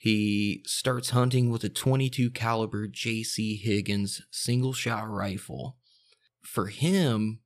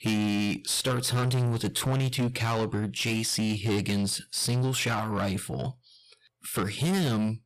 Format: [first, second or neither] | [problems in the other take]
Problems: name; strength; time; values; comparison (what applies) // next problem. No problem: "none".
first | distortion; heavy; 7 dB below the speech